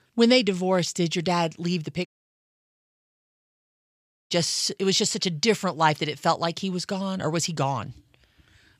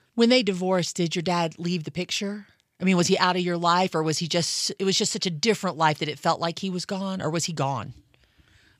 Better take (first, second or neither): second